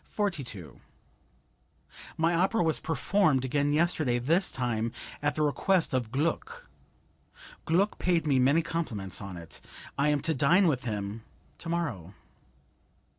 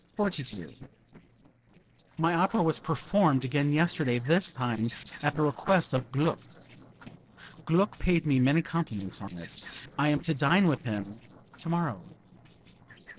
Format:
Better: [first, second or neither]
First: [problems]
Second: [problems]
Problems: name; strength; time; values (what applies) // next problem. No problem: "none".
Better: first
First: none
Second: noise reduction (neural separator model SepFormer DNS4)